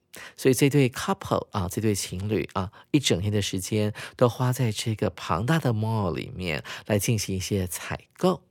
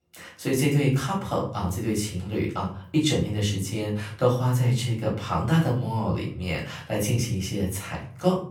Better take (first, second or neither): first